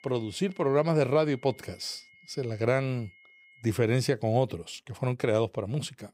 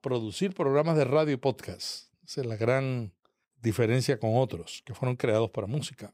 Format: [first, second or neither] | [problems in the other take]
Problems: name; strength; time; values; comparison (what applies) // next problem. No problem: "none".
second | high-pitched whine; faint; until 3.5 s; 2 kHz, 25 dB below the speech